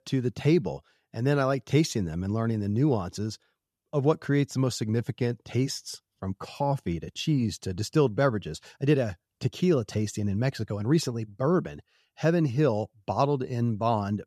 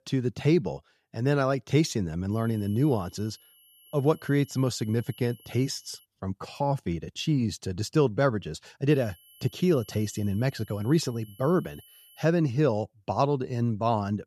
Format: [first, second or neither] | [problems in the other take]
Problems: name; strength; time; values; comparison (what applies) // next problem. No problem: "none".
first | high-pitched whine; faint; from 2.5 to 6 s and from 9 to 12 s; 3 kHz, 25 dB below the speech